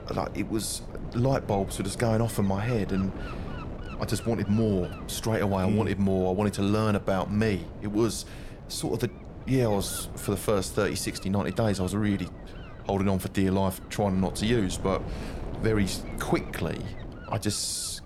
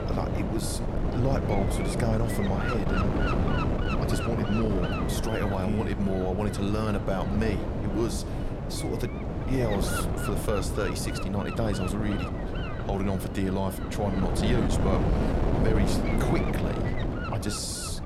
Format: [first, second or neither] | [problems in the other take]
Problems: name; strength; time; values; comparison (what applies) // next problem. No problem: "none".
first | wind noise on the microphone; heavy; as loud as the speech; occasional gusts in the first